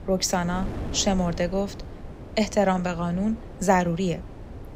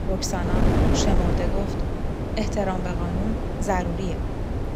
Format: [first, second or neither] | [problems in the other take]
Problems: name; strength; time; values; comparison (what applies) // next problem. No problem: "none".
first | wind noise on the microphone; heavy; as loud as the speech; occasional gusts in the first